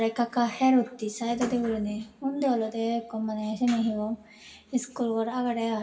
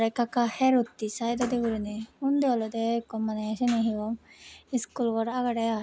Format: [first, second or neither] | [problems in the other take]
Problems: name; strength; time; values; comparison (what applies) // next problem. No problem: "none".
second | room echo; dies away in 0.8 s